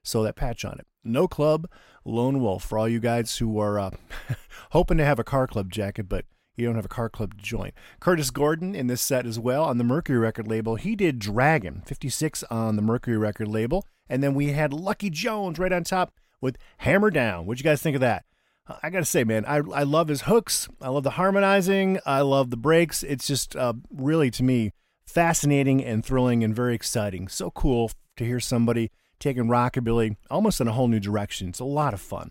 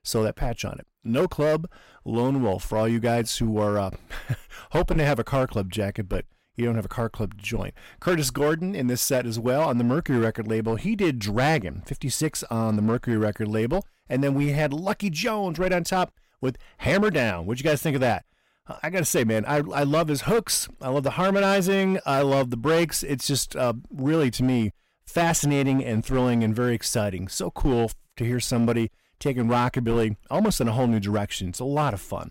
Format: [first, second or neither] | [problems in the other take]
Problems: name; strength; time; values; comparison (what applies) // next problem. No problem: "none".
first | distortion; slight; 8% of the sound clipped